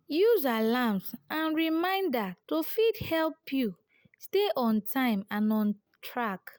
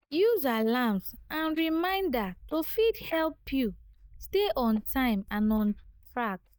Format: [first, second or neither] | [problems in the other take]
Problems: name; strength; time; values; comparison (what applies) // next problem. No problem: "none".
first | noise reduction (neural mask model DeepFilterNet 3)